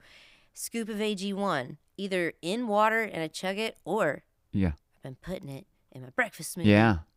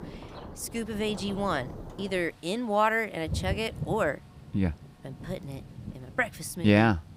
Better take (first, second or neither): first